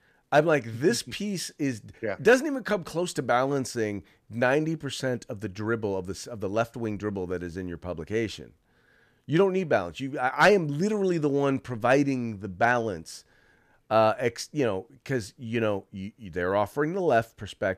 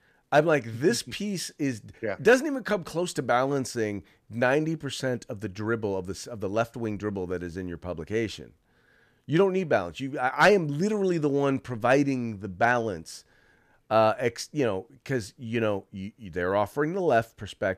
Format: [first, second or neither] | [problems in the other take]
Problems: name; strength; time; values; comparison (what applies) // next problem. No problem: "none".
neither | none